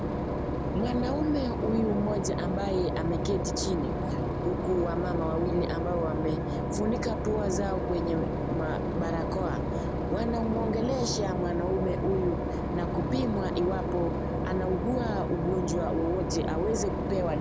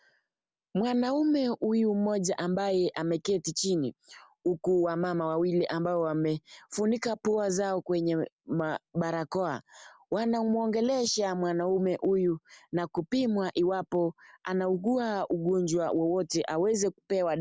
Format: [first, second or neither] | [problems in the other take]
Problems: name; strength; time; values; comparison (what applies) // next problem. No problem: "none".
second | background sound (Engine / Boat, Water vehicle); 1 dB above the speech